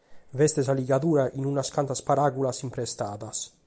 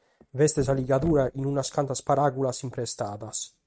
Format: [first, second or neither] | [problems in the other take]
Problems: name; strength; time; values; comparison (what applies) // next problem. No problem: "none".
first | noise reduction (neural mask model RNNoise)